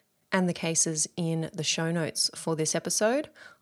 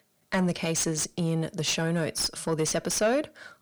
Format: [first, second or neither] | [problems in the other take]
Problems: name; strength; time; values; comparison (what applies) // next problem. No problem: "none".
first | distortion; slight; 9 dB below the speech